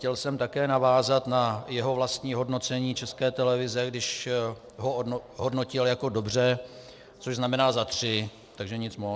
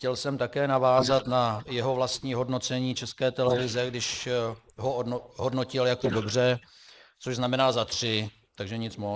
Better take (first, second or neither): first